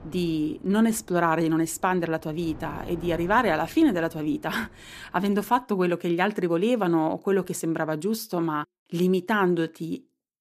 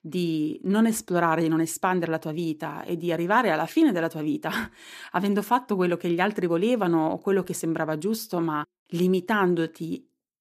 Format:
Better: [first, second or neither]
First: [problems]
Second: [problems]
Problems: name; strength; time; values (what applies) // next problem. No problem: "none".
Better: second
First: wind noise on the microphone; occasional gusts; until 5.5 s; 25 dB below the speech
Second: none